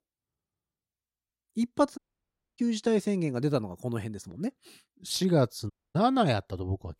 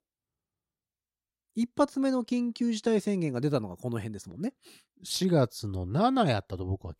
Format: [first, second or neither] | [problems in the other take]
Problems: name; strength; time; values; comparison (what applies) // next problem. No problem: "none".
second | audio cutting out; at 2 s for 0.5 s and at 5.5 s